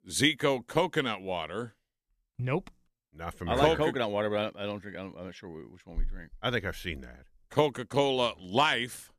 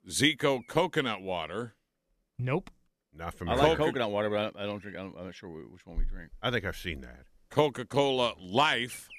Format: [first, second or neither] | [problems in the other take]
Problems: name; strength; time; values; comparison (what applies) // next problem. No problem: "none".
first | animal sounds; faint; throughout; 30 dB below the speech